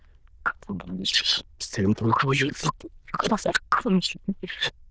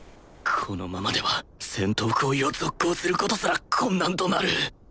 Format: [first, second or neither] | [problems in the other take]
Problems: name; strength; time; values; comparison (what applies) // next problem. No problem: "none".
second | noise reduction (neural diffusion model UNIVERSE++)